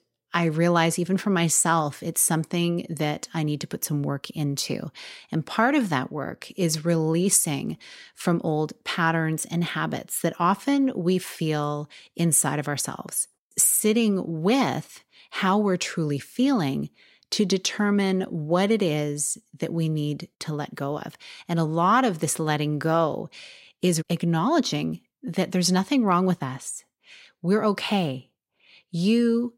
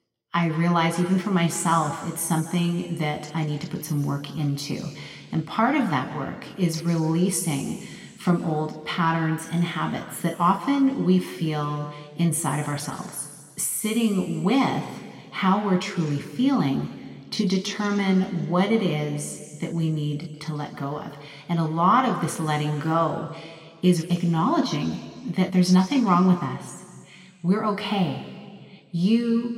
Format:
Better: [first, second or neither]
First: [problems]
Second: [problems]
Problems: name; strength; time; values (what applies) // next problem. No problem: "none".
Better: first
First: none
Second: room echo; slight; dies away in 1.9 s